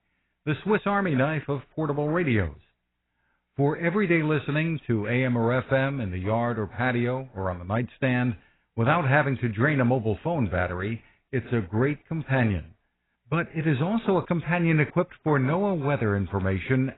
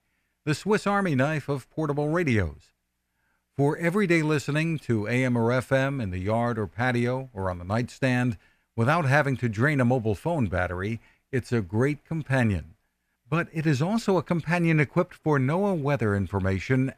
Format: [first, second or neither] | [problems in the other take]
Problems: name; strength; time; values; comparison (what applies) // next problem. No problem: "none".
second | garbled, watery; badly; nothing above 4 kHz